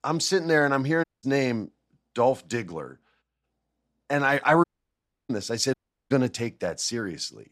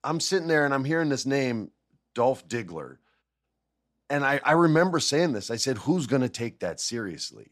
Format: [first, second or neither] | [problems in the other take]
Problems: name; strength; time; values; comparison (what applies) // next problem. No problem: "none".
second | audio cutting out; at 1 s, at 4.5 s for 0.5 s and at 5.5 s